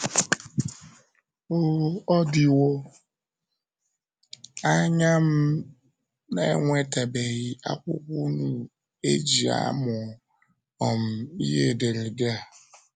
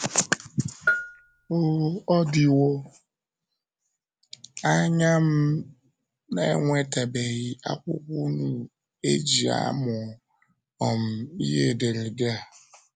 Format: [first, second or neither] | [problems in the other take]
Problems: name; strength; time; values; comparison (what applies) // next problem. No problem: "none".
first | background sound (Bell); 7 dB below the speech